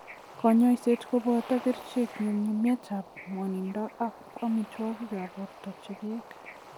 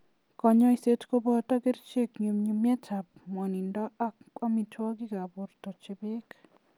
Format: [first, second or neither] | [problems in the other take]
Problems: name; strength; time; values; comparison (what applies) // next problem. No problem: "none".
second | background sound (Bird / Ocean); 17 dB below the speech